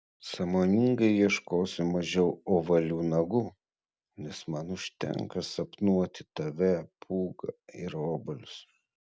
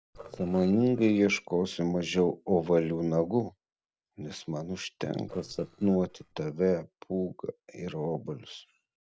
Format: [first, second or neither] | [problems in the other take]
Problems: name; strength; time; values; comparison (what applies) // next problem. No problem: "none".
first | noise reduction (neural separator model SepFormer DNS4)